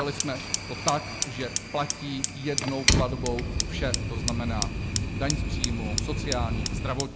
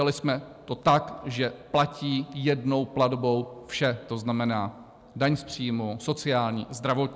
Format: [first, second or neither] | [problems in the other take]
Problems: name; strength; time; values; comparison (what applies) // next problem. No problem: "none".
second | background sound (Fire); 3 dB above the speech